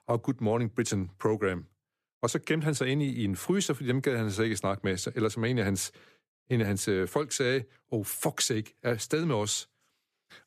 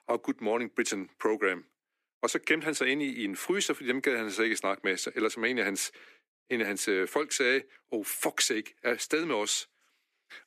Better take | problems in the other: first | thin; somewhat; fading below 300 Hz

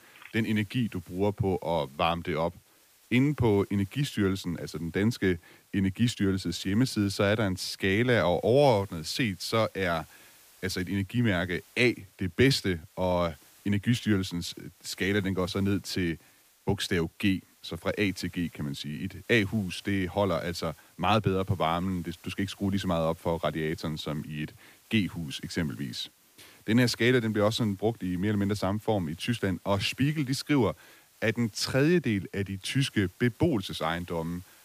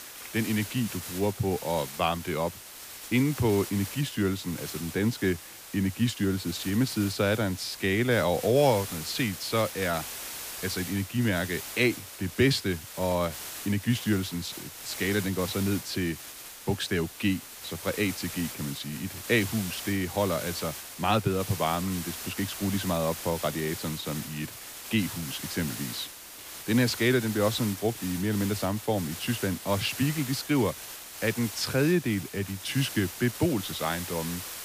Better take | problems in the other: first | hiss; loud; throughout; 9 dB below the speech; faint in the first

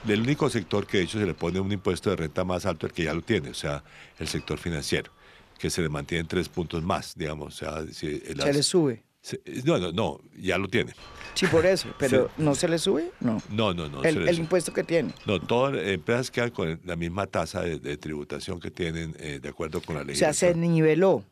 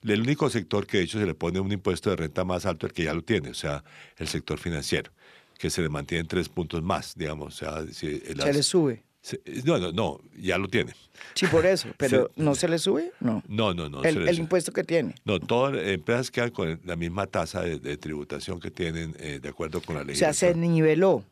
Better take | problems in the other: second | wind noise on the microphone; occasional gusts; until 7 s and from 11 to 17 s; 20 dB below the speech

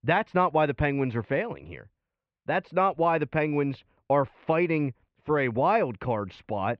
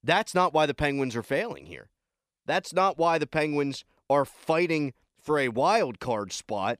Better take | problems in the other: second | muffled; very; fading above 2.5 kHz

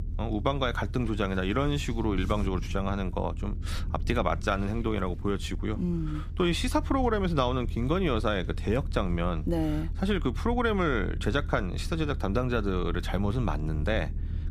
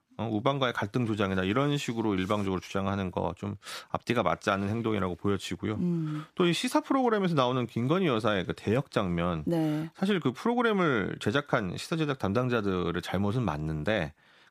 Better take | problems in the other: second | low rumble; faint; throughout; 20 dB below the speech

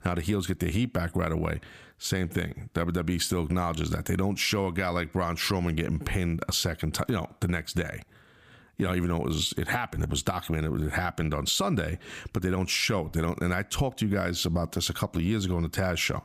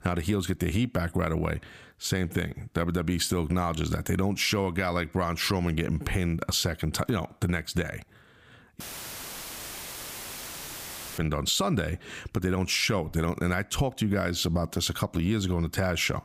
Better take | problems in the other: first | audio cutting out; filled with static; at 9 s for 2.5 s

